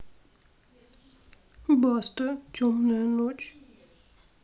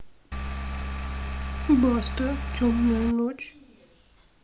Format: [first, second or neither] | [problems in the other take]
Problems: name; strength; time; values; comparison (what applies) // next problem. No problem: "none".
first | background sound (Engine); 3 dB below the speech